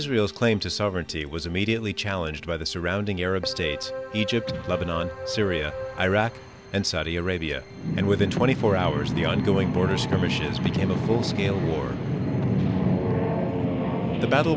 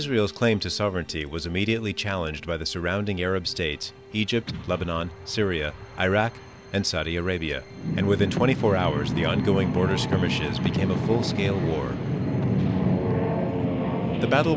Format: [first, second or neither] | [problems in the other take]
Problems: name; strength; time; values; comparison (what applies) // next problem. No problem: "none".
second | background sound (Keyboard (musical)); 10 dB below the speech